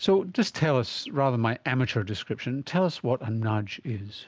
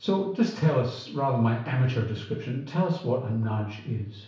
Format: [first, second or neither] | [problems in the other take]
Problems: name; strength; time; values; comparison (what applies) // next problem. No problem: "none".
first | room echo; dies away in 0.6 s